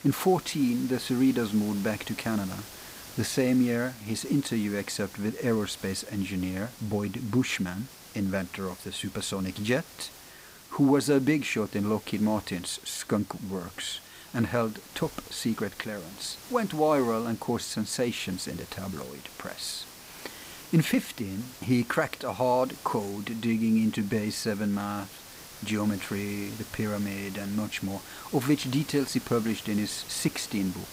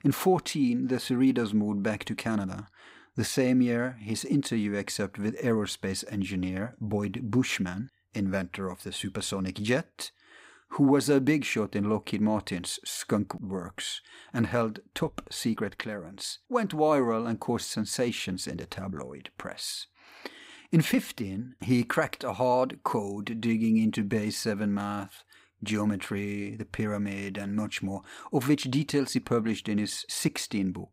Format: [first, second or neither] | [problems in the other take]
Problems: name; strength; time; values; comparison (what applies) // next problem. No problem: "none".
second | hiss; noticeable; throughout; 15 dB below the speech